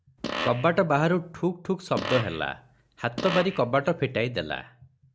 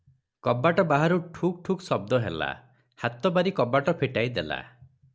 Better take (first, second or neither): second